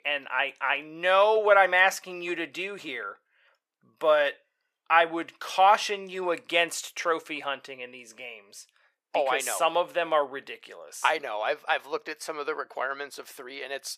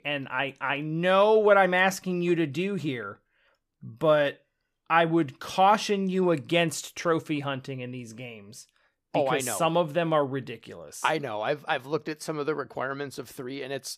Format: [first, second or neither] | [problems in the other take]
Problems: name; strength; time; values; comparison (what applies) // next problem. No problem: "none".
second | thin; very; fading below 600 Hz